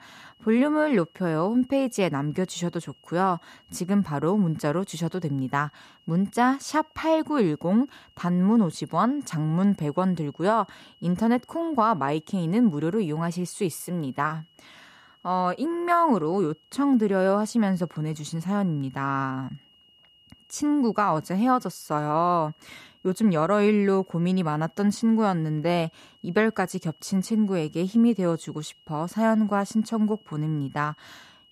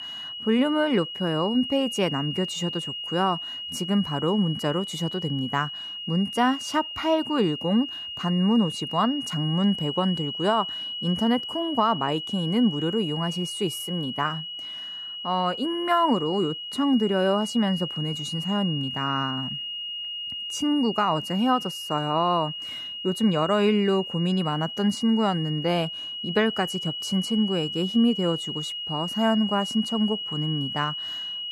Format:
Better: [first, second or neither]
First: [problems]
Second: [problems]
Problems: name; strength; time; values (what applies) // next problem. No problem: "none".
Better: first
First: high-pitched whine; faint; throughout; 3 kHz, 30 dB below the speech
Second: high-pitched whine; loud; throughout; 3 kHz, 6 dB below the speech